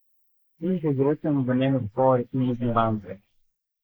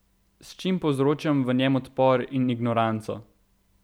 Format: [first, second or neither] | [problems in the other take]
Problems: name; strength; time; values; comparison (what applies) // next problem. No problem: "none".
second | noise reduction (neural mask model Resemble Enhance denoiser)